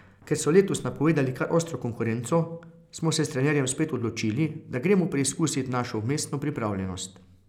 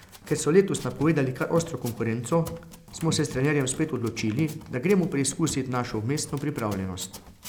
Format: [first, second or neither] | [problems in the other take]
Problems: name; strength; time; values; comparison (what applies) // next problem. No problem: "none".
first | background sound (Run); 17 dB below the speech